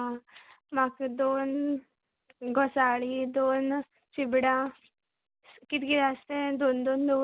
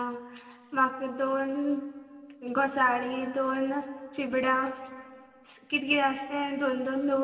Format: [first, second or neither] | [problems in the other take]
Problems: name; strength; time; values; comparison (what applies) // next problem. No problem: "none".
first | room echo; dies away in 2.6 s